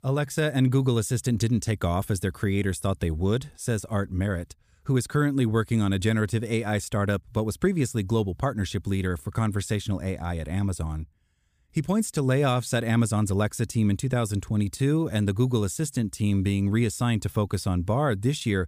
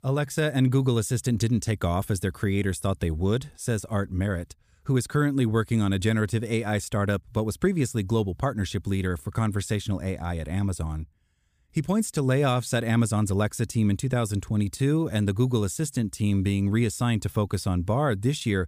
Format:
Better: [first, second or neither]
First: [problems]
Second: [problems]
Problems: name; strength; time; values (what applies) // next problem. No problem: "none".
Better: neither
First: none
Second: none